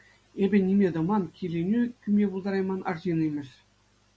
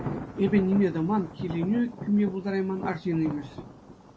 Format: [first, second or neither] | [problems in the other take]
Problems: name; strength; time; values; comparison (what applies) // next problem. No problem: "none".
first | background sound (Thunder); 11 dB below the speech